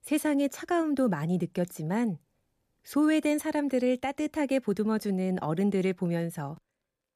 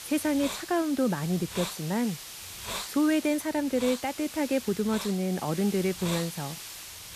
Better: first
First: none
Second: hiss; loud; throughout; 9 dB below the speech

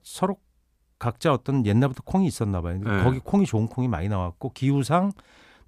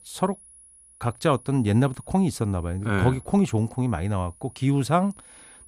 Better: first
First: none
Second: high-pitched whine; faint; throughout; 10.5 kHz, 25 dB below the speech

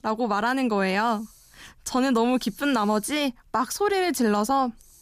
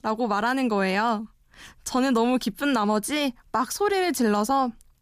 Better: second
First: hiss; faint; at 1 s, at 2.5 s and from 4 s on; 30 dB below the speech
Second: none

